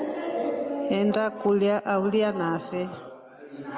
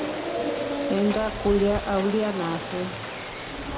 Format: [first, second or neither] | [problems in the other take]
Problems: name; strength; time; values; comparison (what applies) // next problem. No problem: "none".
first | background sound (Rain); 8 dB below the speech // room echo; dies away in 0.5 s